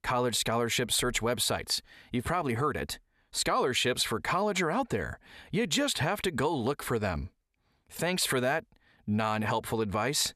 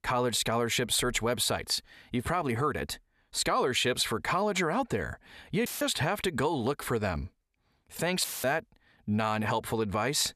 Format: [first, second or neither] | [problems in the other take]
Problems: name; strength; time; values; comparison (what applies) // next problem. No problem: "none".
first | audio cutting out; filled with static; at 5.5 s and at 8 s